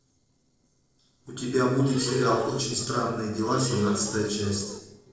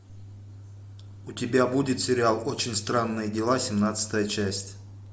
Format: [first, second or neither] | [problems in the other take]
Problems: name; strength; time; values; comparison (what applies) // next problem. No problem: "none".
second | noise reduction (neural separator model SepFormer DNS4)